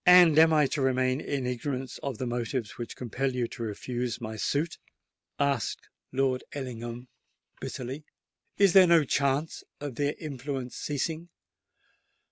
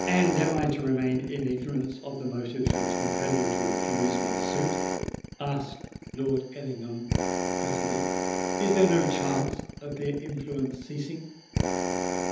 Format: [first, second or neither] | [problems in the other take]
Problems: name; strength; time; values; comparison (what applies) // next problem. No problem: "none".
first | background sound (Drill); 1 dB below the speech // room echo; dies away in 0.9 s